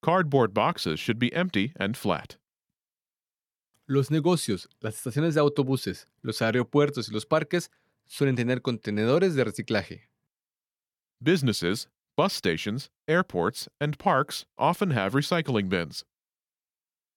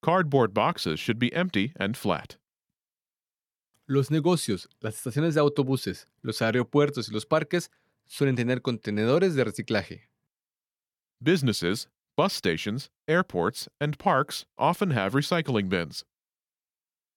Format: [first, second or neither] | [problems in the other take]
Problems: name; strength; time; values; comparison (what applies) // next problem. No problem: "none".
neither | none